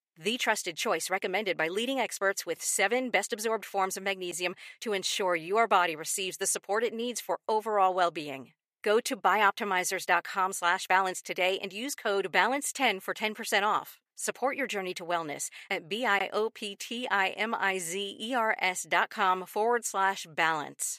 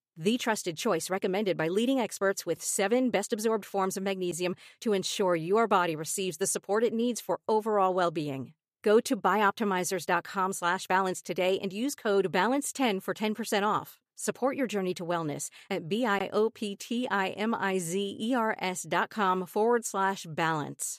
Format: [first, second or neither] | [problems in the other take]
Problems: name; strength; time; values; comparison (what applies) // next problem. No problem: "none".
second | thin; somewhat; fading below 650 Hz